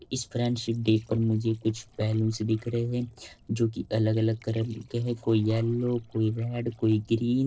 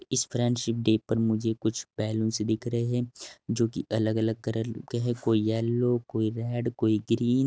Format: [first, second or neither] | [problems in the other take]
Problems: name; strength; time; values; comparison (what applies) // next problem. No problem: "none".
second | noise reduction (neural separator model SepFormer DNS4)